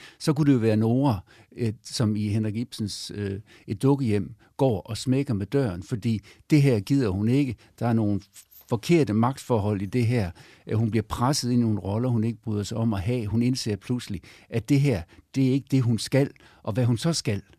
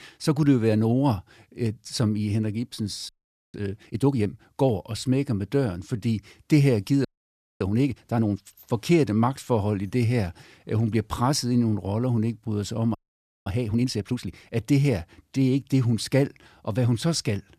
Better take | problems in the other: first | audio freezing; at 3 s, at 7 s for 0.5 s and at 13 s for 0.5 s

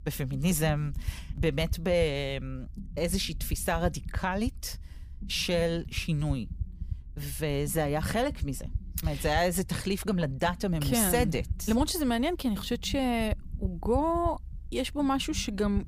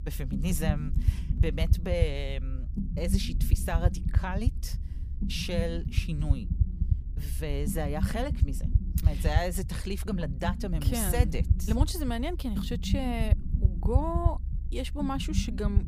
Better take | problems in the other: first | low rumble; loud; throughout; 9 dB below the speech; faint in the first

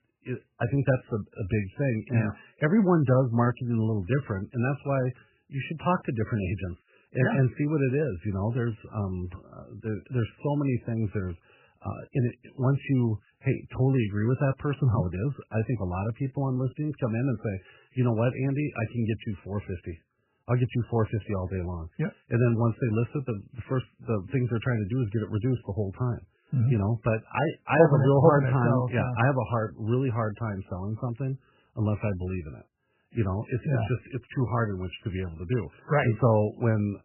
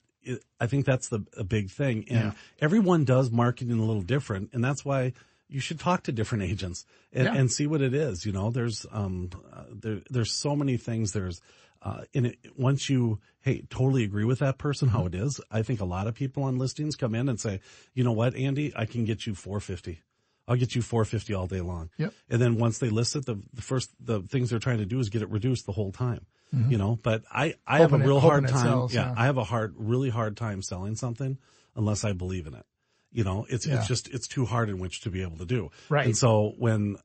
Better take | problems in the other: second | garbled, watery; badly; nothing above 3 kHz; slightly in the second

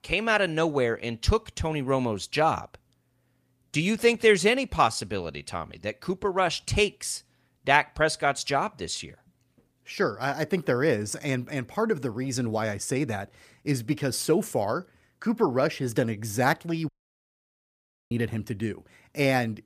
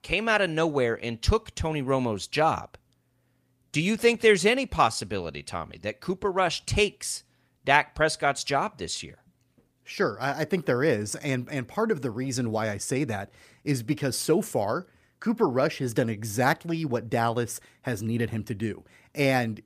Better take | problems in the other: second | audio cutting out; at 17 s for 1 s

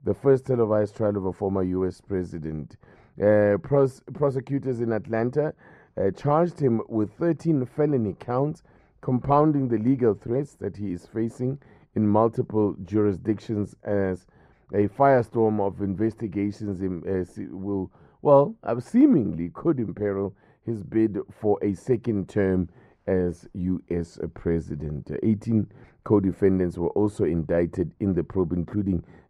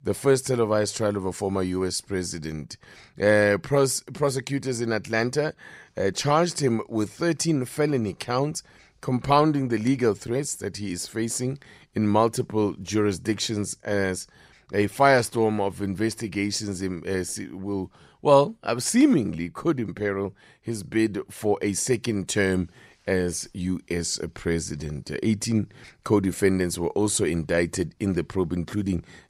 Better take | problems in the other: second | muffled; very; fading above 2 kHz

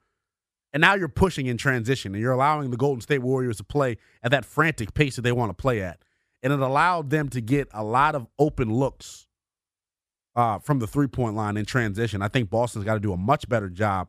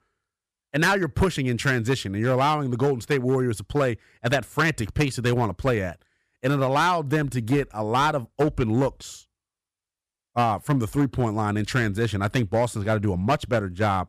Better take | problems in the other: first | distortion; slight; 5% of the sound clipped

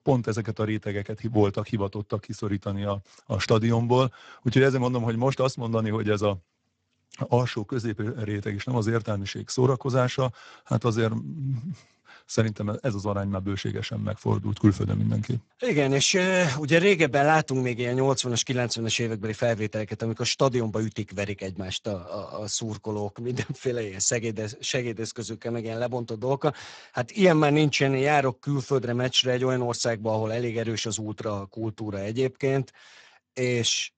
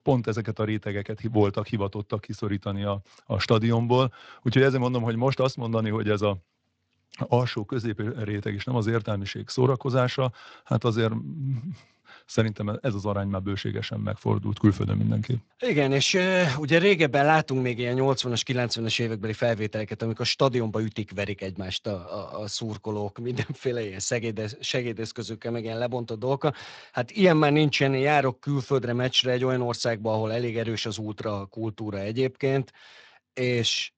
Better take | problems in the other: second | garbled, watery; badly; nothing above 7.5 kHz; slightly in the second

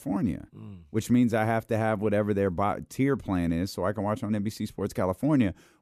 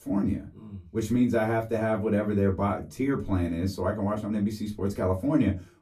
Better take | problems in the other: first | off-mic speech; far // room echo; very slight; dies away in 0.2 s

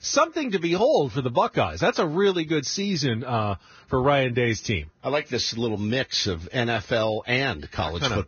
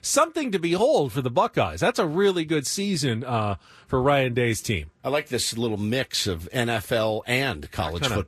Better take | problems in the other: second | garbled, watery; badly; nothing above 6.5 kHz; slightly in the second

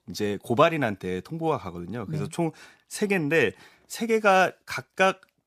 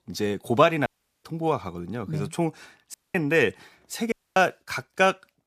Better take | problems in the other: first | audio cutting out; at 1 s, at 3 s and at 4 s

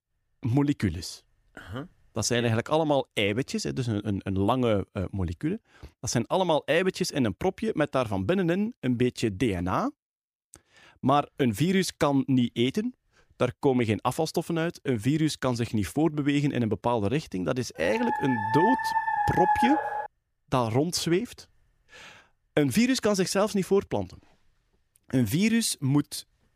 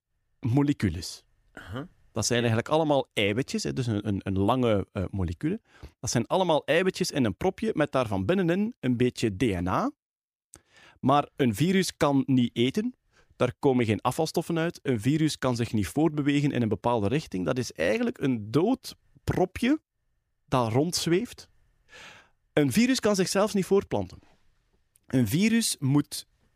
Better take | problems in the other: second | dog barking; loud; from 18 to 20 s; peak 3 dB above the speech

